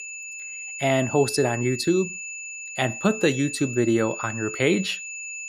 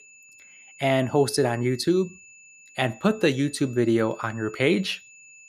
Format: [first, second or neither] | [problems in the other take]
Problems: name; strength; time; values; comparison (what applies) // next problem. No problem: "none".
second | high-pitched whine; loud; throughout; 2.5 kHz, 9 dB below the speech; faint in the second